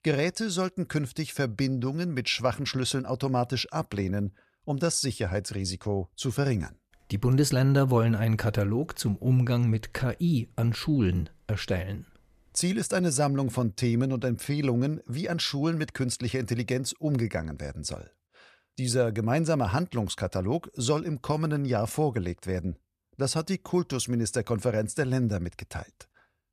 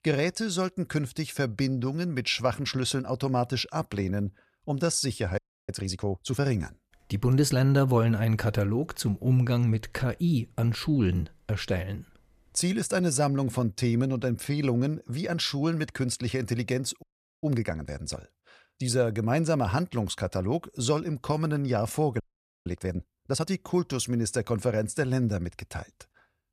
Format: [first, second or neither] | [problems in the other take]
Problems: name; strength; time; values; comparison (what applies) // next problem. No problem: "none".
first | audio freezing; at 5.5 s, at 17 s and at 22 s